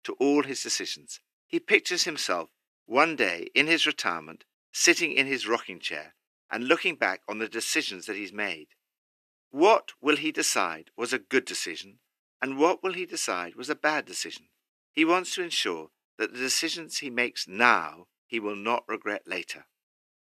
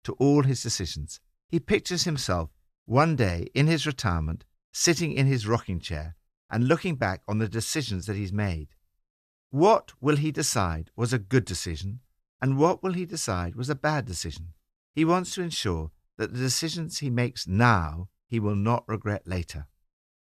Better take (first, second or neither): second